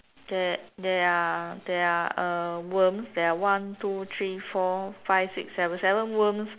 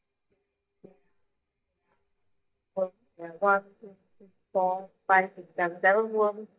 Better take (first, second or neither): first